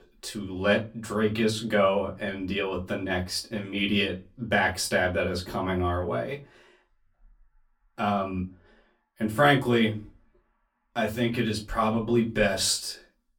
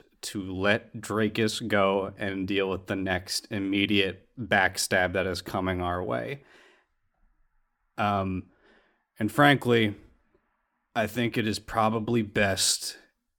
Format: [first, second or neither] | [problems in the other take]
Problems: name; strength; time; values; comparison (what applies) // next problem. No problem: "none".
second | off-mic speech; far // room echo; very slight; dies away in 0.2 s